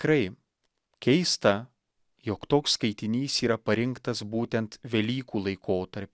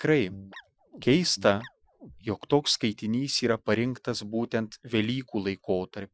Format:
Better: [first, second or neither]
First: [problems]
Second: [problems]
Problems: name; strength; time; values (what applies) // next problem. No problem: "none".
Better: first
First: none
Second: noise reduction (classical method Wiener filter)